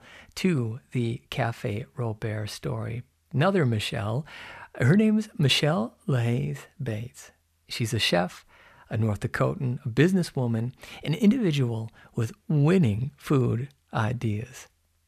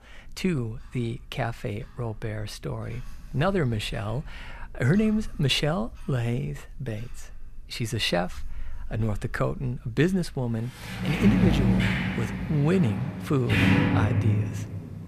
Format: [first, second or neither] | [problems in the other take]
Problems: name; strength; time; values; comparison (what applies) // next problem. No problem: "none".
first | household noises; very loud; throughout; 2 dB above the speech